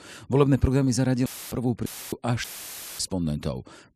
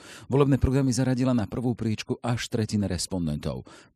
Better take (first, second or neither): second